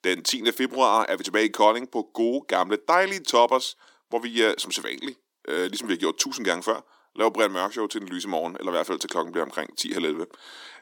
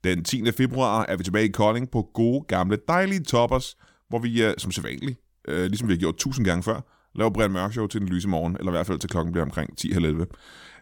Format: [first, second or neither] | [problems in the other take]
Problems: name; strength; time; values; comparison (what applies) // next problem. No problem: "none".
second | thin; somewhat; fading below 300 Hz